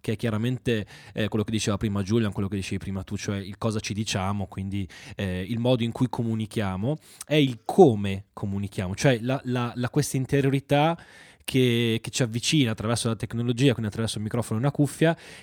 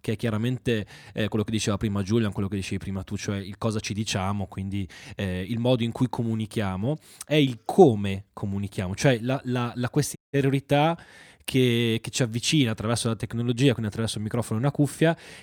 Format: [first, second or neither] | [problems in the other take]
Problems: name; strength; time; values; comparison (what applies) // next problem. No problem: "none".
first | audio cutting out; at 10 s